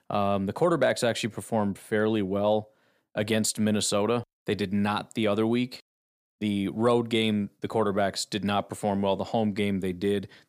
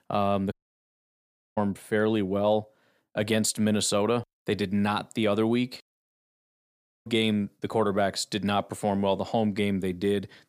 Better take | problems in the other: first | audio cutting out; at 0.5 s for 1 s and at 6 s for 1 s

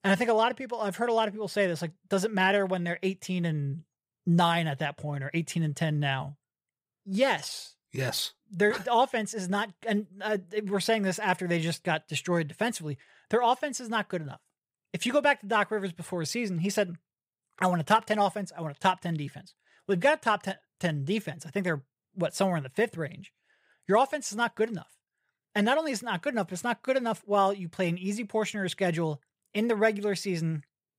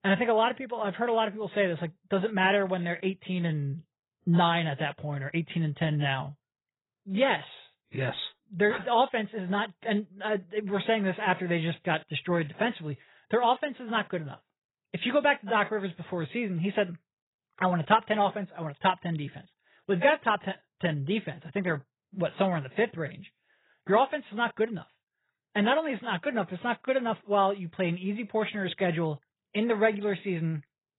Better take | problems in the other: first | garbled, watery; badly; nothing above 4 kHz

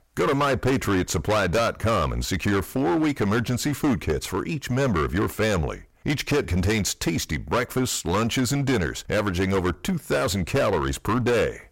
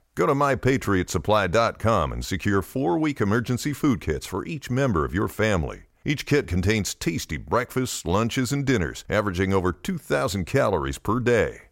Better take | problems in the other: second | distortion; heavy; 15% of the sound clipped

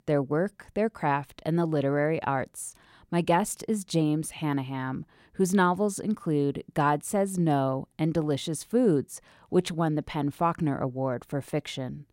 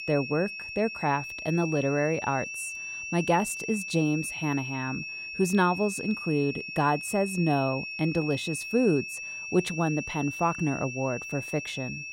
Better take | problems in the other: first | high-pitched whine; loud; throughout; 2.5 kHz, 7 dB below the speech

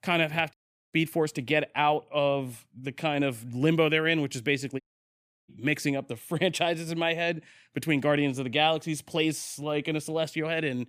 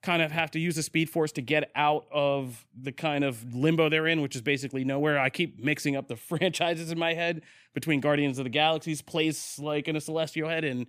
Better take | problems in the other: second | audio cutting out; at 0.5 s and at 5 s for 0.5 s

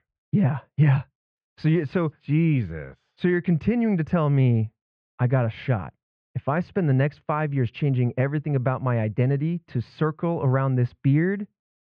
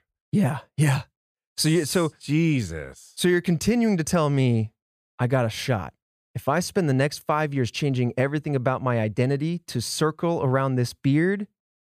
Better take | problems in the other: second | muffled; very; fading above 2.5 kHz

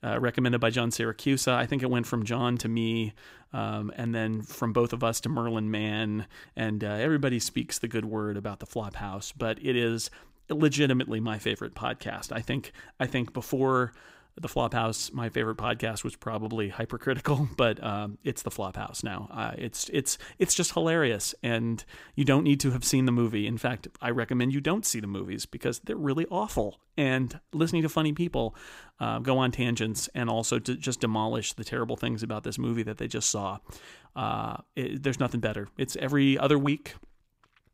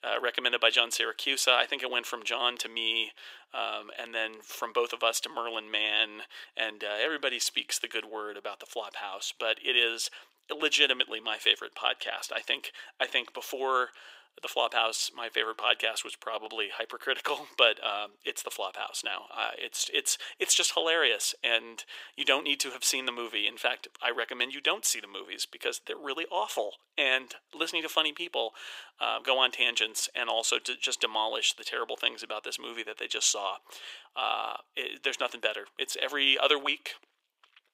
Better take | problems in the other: first | thin; very; fading below 450 Hz

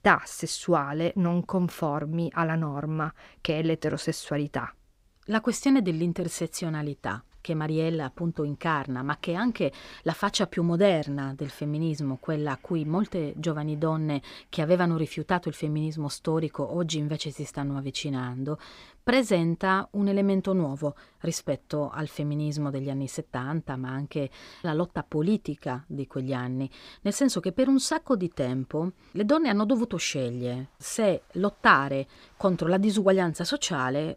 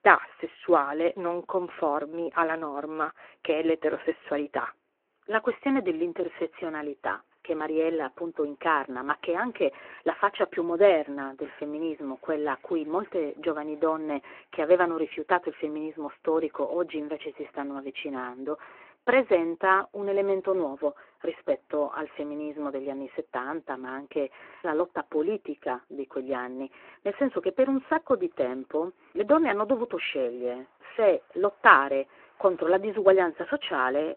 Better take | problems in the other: first | phone-call audio

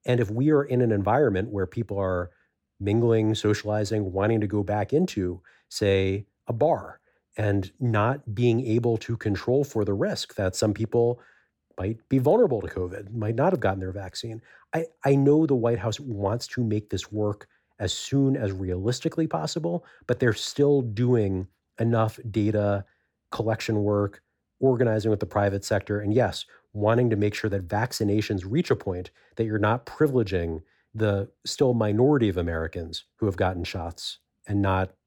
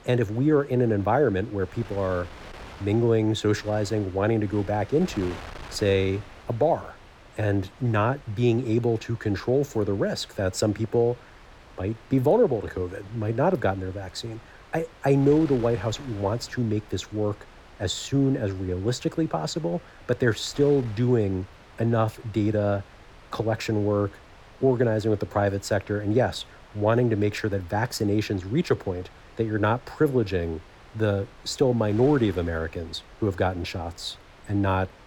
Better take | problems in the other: first | wind noise on the microphone; occasional gusts; 20 dB below the speech

